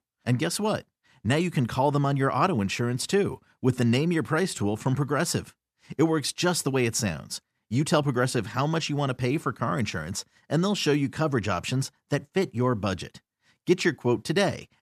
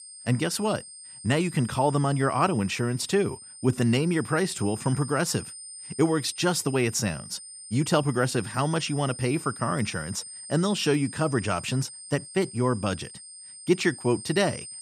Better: first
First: none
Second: high-pitched whine; noticeable; throughout; 8.5 kHz, 15 dB below the speech

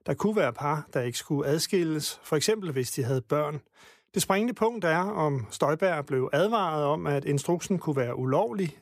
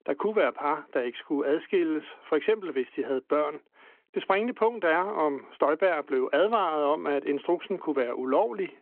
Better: first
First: none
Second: phone-call audio

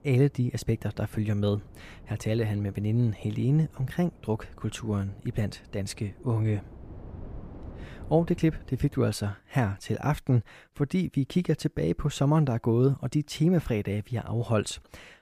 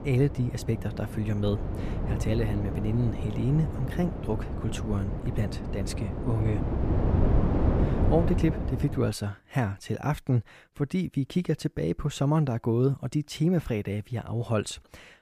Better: first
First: wind noise on the microphone; occasional gusts; until 9 s; 25 dB below the speech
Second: wind noise on the microphone; heavy; until 9 s; 4 dB below the speech

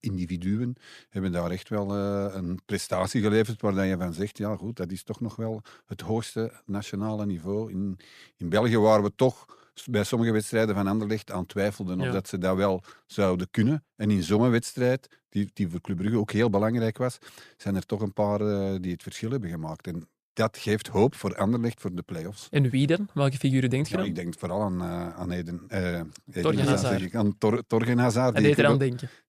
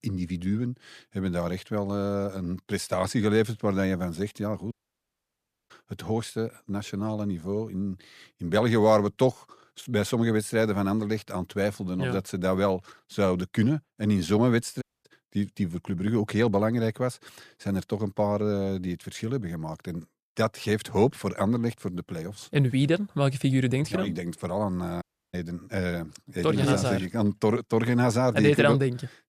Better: first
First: none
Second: audio cutting out; at 4.5 s for 1 s, at 15 s and at 25 s

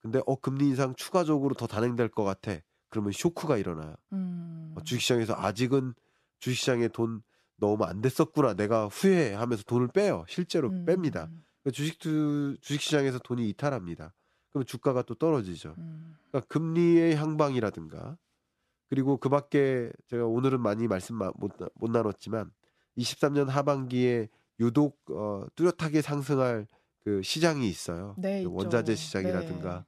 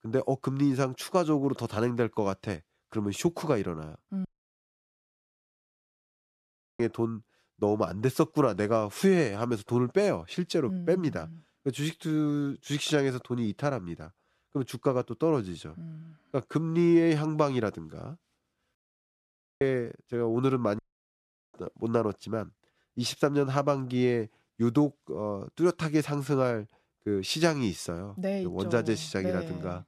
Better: first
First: none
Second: audio cutting out; at 4.5 s for 2.5 s, at 19 s for 1 s and at 21 s for 1 s

